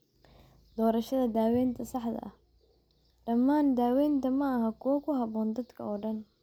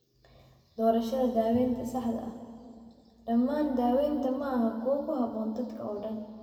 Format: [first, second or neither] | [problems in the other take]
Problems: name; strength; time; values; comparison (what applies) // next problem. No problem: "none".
first | room echo; dies away in 2.1 s